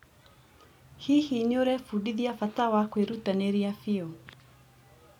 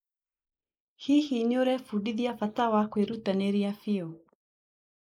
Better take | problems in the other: first | noise reduction (neural mask model Resemble Enhance denoiser)

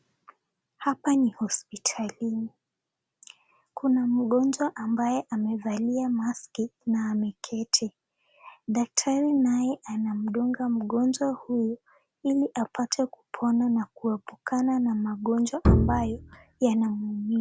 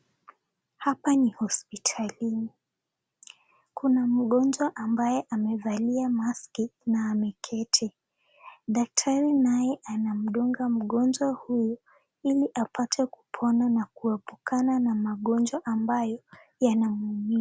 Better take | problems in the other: second | background sound (Bowed string instrument); 2 dB above the speech

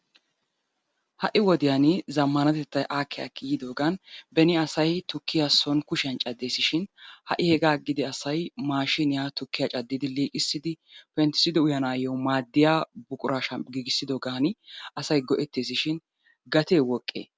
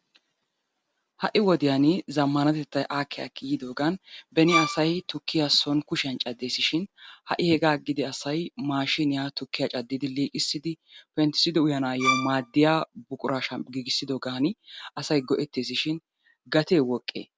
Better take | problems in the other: first | background sound (Bowed string instrument); 2 dB below the speech

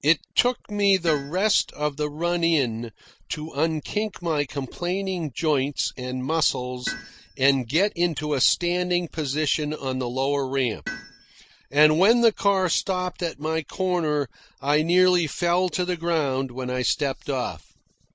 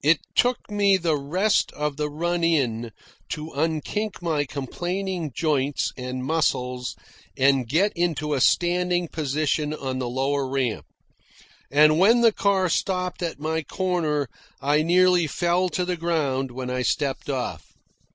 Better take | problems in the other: second | background sound (Tools); 19 dB below the speech

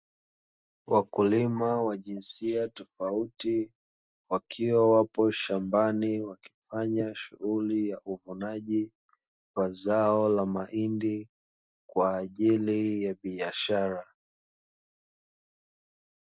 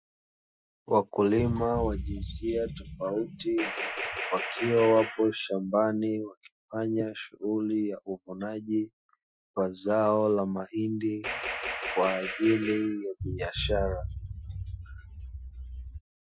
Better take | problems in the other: first | noise reduction (classical method Wiener filter)

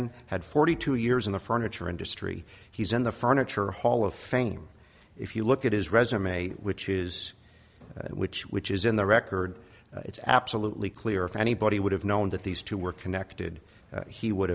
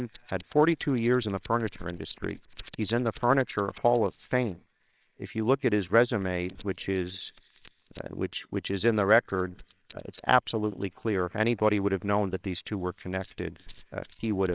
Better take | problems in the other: first | noise reduction (neural separator model SepFormer WHAMR!)

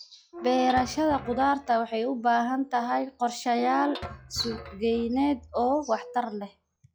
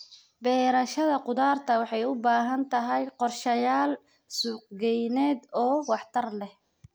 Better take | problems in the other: second | noise reduction (classical method log-MMSE)

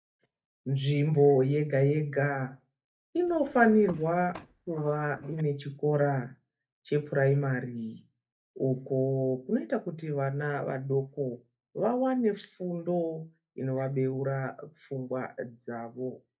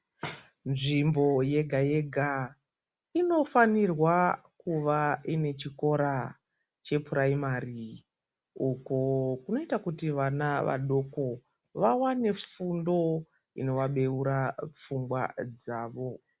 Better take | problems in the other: second | noise reduction (neural mask model DeepFilterNet 3)

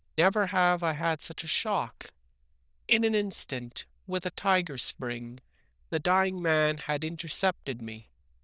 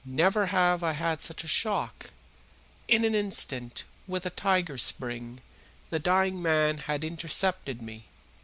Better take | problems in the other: second | noise reduction (neural diffusion model UNIVERSE++)

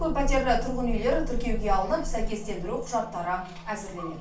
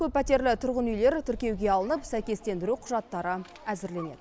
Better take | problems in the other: second | background sound (Wind instrument, woodwind instrument); 17 dB below the speech // room echo; dies away in 0.3 s

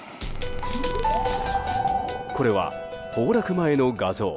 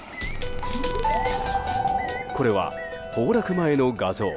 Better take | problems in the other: first | background sound (Bird); 17 dB below the speech

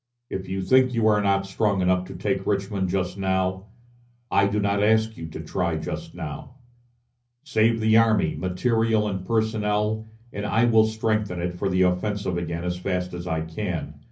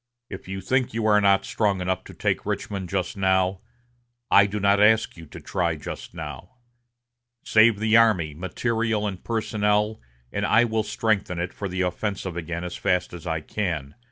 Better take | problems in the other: second | room echo; dies away in 0.5 s

